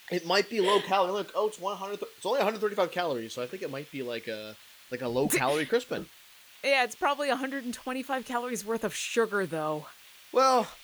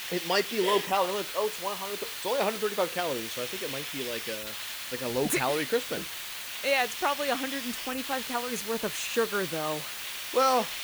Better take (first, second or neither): first